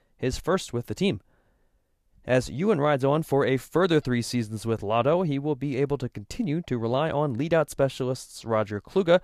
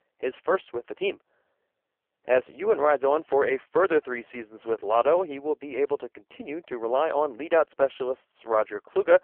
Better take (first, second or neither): first